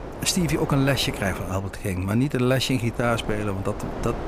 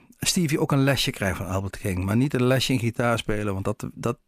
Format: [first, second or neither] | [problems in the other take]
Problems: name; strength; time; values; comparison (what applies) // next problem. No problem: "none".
second | wind noise on the microphone; occasional gusts; 10 dB below the speech